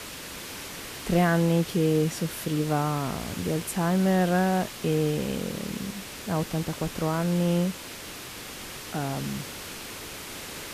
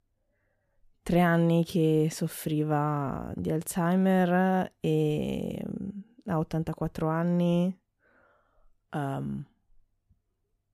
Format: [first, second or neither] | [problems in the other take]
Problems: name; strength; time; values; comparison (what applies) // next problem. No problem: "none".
second | hiss; noticeable; throughout; 10 dB below the speech